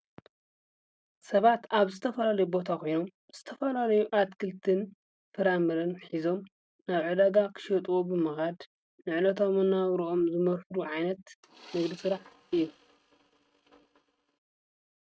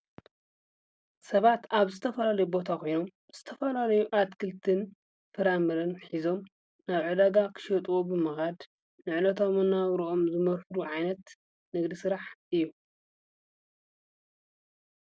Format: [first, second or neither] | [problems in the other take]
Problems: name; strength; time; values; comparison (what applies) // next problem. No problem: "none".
second | noise reduction (neural mask model RNNoise)